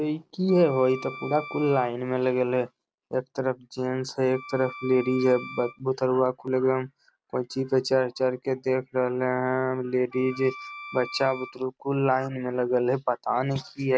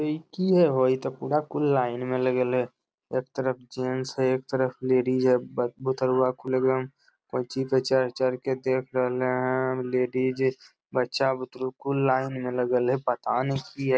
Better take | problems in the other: second | background sound (Wind instrument, woodwind instrument); 16 dB below the speech

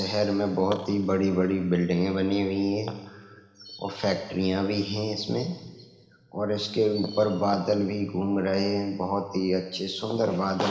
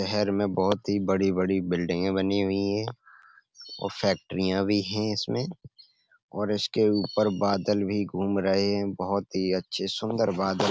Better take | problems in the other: second | room echo; dies away in 2 s

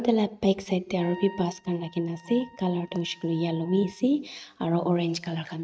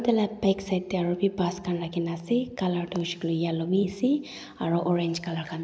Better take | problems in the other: second | noise reduction (neural mask model RNNoise)

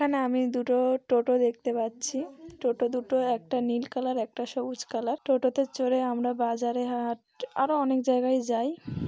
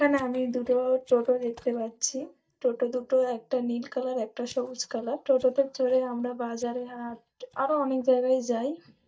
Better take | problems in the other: first | noise reduction (neural mask model DeepFilterNet 3)

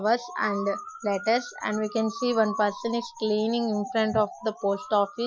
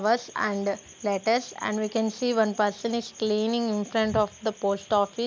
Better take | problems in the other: second | noise reduction (classical method Wiener filter)

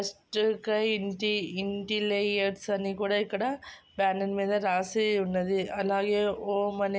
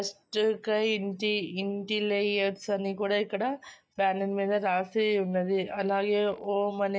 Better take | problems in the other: first | noise reduction (neural mask model DeepFilterNet 3)

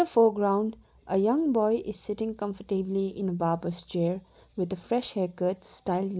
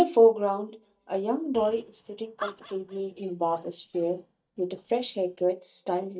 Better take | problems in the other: first | noise reduction (neural mask model DeepFilterNet 3)

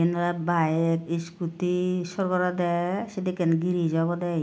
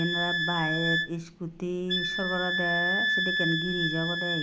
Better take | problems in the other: first | background sound (Wind instrument, woodwind instrument); 2 dB above the speech

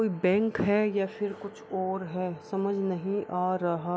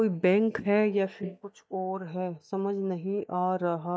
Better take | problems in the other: first | noise reduction (neural mask model DeepFilterNet 3)

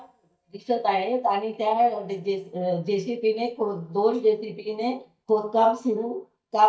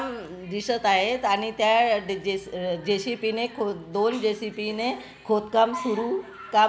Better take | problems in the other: second | noise reduction (neural mask model DeepFilterNet 3)

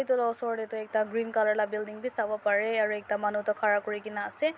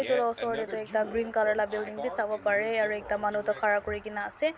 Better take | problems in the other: first | background sound (Fart); 12 dB below the speech

